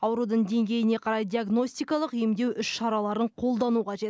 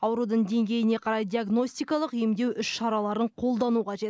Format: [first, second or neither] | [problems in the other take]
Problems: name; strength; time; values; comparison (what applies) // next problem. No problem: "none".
first | noise reduction (neural mask model Resemble Enhance denoiser)